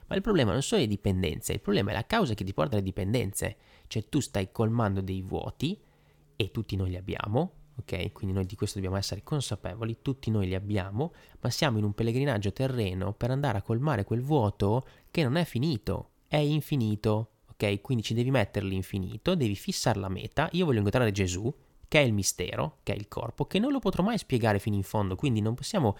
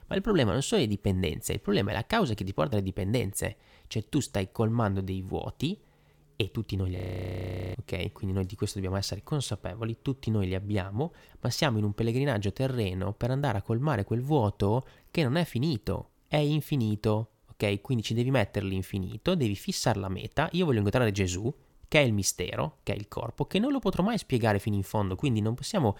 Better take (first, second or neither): first